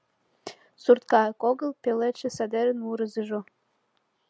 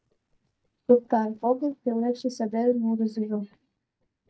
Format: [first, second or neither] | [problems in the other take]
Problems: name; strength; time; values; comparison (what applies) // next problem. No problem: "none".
first | noise reduction (neural mask model DeepFilterNet 3)